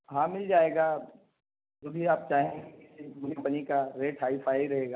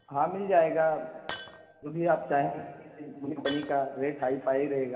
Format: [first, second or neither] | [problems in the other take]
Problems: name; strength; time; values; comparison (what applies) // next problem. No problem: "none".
first | background sound (Shatter); 19 dB below the speech // room echo; dies away in 2.5 s